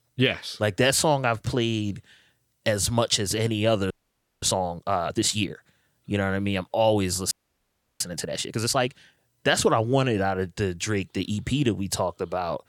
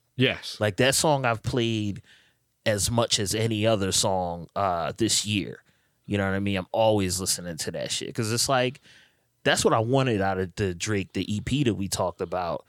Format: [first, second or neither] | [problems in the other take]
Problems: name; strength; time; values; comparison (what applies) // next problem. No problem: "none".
second | audio freezing; at 4 s for 0.5 s and at 7.5 s for 0.5 s